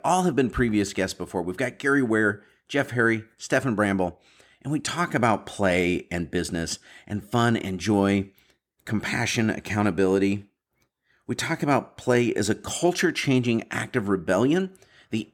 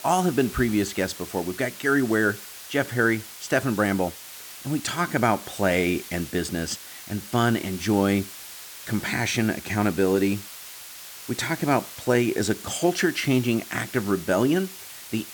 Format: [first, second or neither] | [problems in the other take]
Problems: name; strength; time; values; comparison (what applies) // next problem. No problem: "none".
first | hiss; noticeable; throughout; 15 dB below the speech